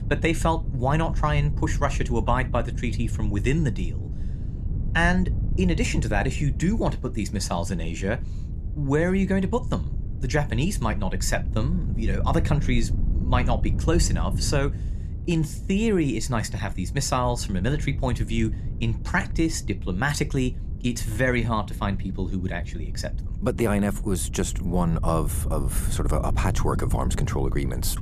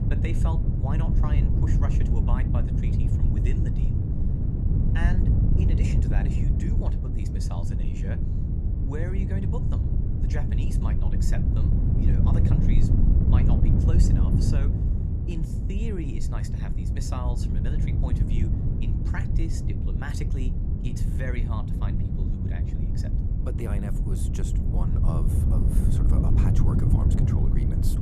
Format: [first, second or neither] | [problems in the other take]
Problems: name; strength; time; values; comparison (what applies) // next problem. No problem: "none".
first | wind noise on the microphone; heavy; 3 dB above the speech; occasional gusts in the first